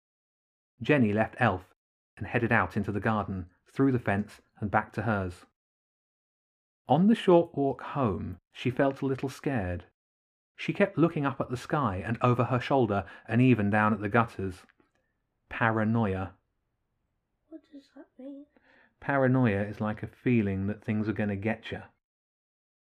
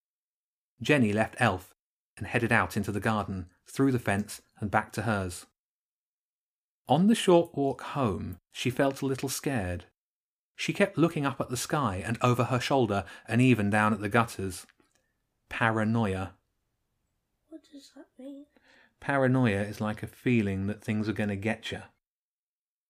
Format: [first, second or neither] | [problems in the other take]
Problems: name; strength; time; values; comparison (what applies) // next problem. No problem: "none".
second | muffled; slightly; fading above 4 kHz